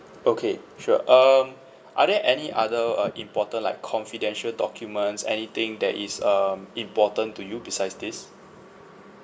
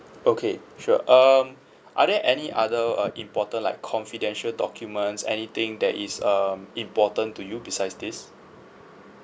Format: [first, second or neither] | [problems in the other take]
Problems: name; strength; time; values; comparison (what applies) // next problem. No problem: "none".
second | room echo; dies away in 1 s